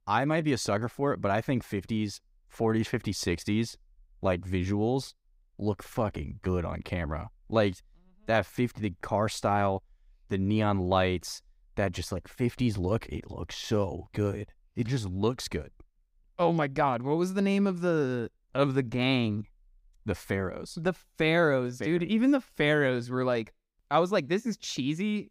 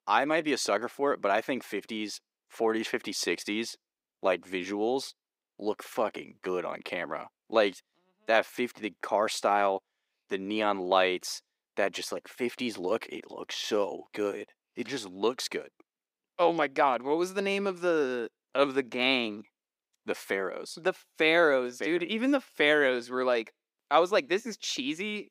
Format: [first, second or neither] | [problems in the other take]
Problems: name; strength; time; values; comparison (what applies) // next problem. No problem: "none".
first | thin; somewhat; fading below 300 Hz